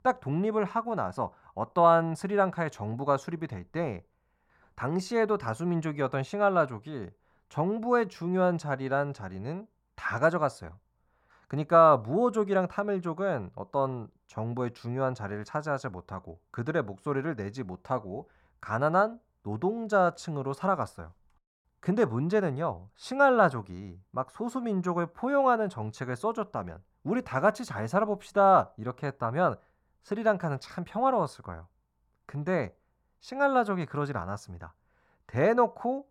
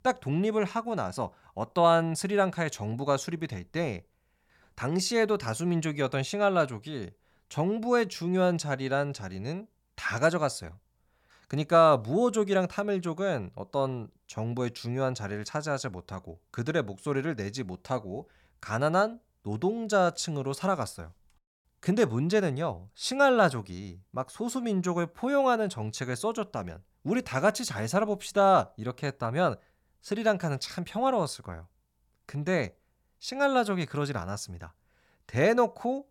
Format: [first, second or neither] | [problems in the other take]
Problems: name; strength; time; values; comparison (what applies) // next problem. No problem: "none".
second | muffled; slightly; fading above 2 kHz